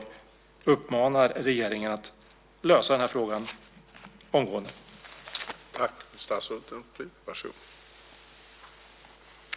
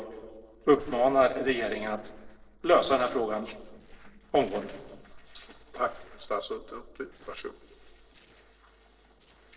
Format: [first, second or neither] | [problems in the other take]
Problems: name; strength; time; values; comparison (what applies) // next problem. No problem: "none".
first | noise reduction (neural separator model SepFormer DNS4)